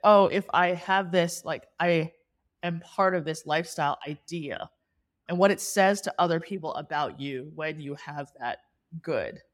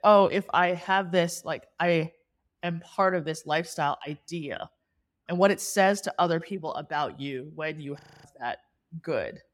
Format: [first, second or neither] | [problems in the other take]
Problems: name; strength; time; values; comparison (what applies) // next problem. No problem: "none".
first | audio freezing; at 8 s